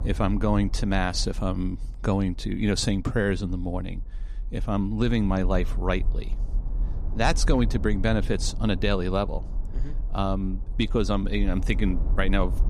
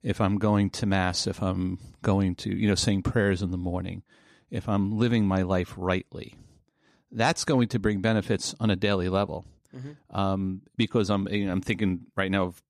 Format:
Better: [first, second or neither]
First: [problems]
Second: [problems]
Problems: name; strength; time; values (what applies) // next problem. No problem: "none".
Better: second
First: low rumble; faint; throughout; 20 dB below the speech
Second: none